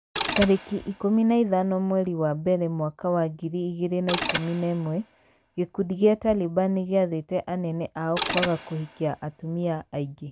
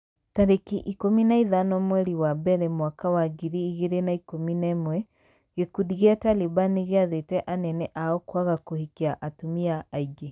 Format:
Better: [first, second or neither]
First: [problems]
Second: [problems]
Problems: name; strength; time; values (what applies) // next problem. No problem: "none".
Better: second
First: background sound (Mechanisms); 9 dB below the speech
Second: none